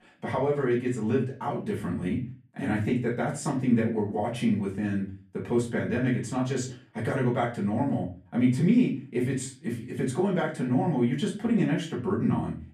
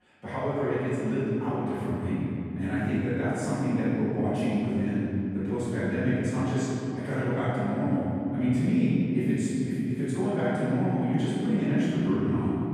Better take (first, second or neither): first